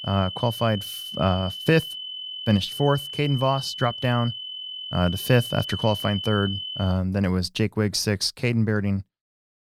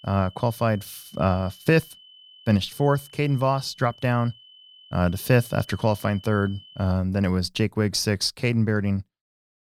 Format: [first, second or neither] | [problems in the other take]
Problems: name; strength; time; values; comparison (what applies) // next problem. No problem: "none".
second | high-pitched whine; loud; until 7 s; 3 kHz, 8 dB below the speech; faint in the second